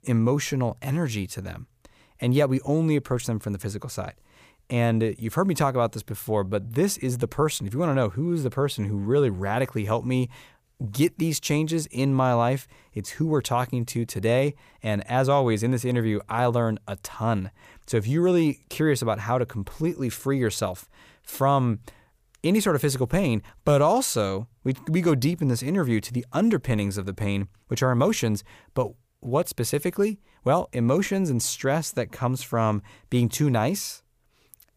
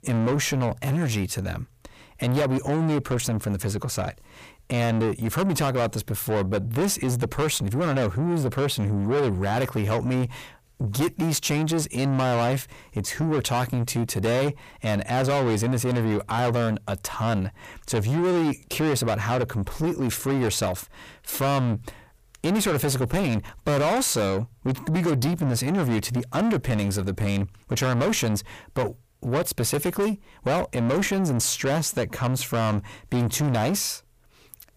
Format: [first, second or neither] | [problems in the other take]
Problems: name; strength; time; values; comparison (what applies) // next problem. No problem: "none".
first | distortion; heavy; 7 dB below the speech